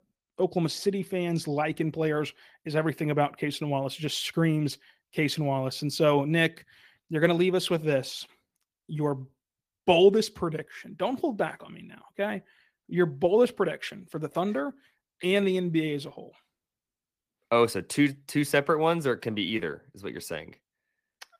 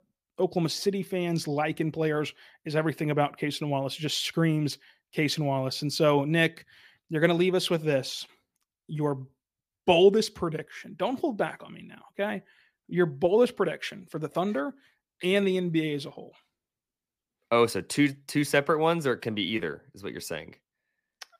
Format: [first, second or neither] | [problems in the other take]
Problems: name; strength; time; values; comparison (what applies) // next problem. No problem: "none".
second | garbled, watery; slightly; nothing above 15 kHz